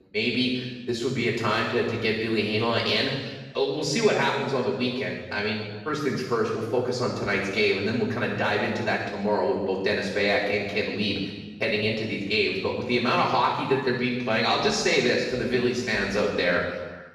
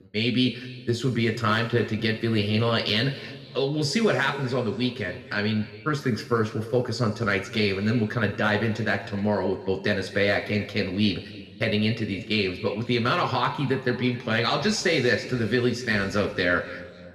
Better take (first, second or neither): second